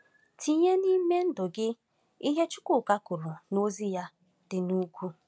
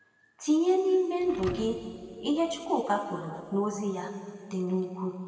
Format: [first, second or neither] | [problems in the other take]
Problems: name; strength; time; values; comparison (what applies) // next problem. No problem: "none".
first | background sound (Thump, thud); 17 dB below the speech // room echo; dies away in 2.2 s